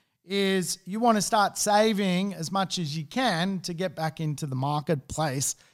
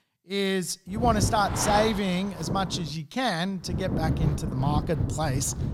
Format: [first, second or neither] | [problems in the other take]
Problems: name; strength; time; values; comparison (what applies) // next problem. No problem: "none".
first | wind noise on the microphone; heavy; from 1 to 3 s and from 3.5 s on; 8 dB below the speech